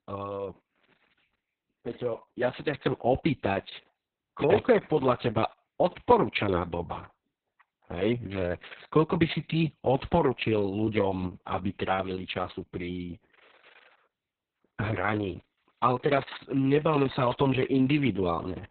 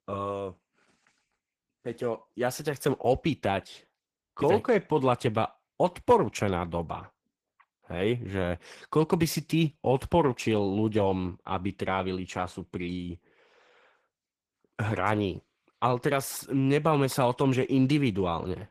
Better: second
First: garbled, watery; badly; nothing above 4 kHz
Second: garbled, watery; slightly; nothing above 14.5 kHz

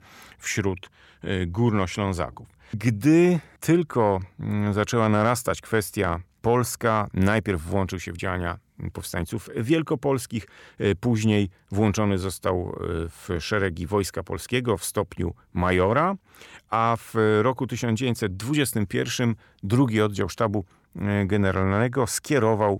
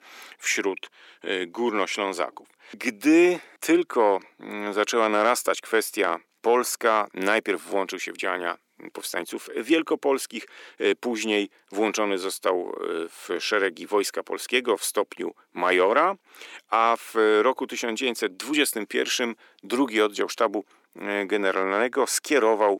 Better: first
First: none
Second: thin; somewhat; fading below 300 Hz

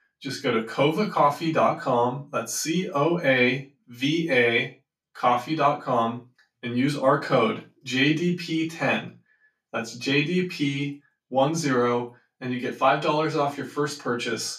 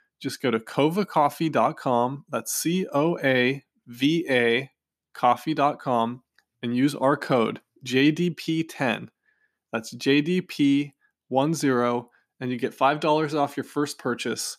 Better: second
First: room echo; slight; dies away in 0.2 s // off-mic speech; far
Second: none

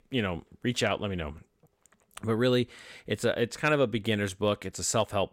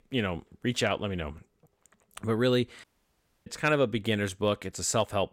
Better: first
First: none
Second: audio cutting out; at 3 s for 0.5 s

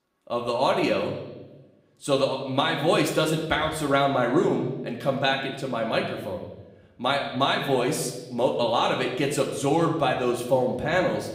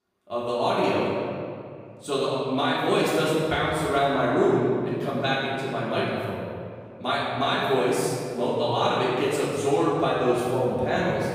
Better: first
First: room echo; slight; dies away in 0.9 s // off-mic speech; somewhat distant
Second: room echo; strong; dies away in 2 s // off-mic speech; far

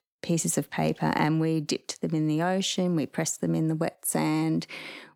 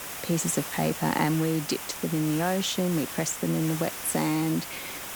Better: first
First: none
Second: hiss; loud; throughout; 7 dB below the speech

